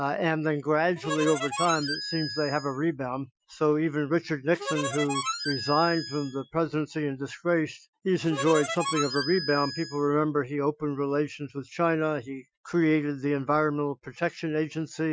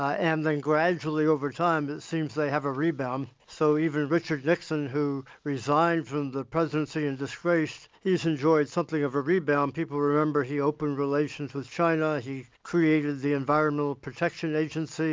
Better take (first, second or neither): second